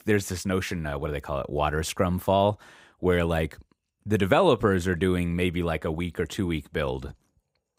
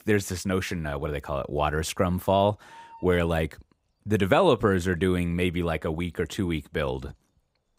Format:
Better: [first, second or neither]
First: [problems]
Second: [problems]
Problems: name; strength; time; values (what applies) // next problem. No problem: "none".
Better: first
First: none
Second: animal sounds; faint; throughout; 25 dB below the speech